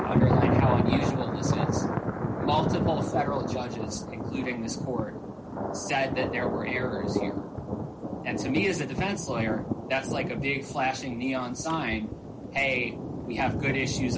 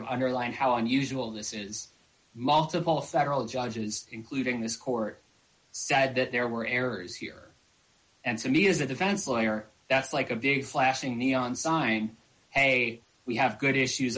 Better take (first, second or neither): second